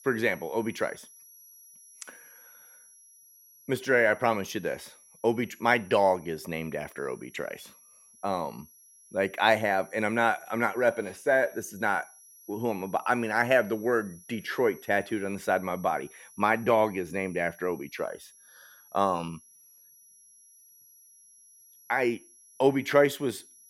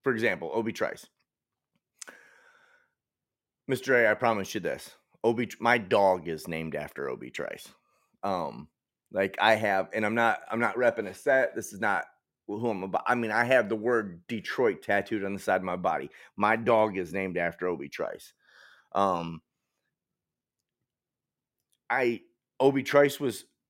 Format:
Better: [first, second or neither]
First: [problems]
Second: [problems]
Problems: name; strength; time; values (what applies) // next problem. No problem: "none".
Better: second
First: high-pitched whine; faint; throughout; 11.5 kHz, 25 dB below the speech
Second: none